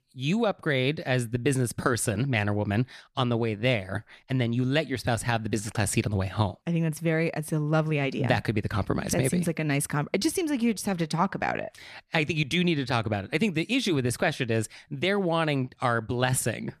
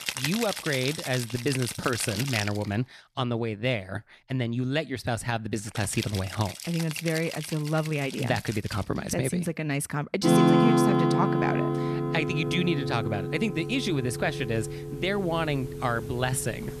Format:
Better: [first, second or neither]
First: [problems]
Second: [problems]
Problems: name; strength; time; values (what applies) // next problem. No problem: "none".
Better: first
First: none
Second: background music; loud; throughout; as loud as the speech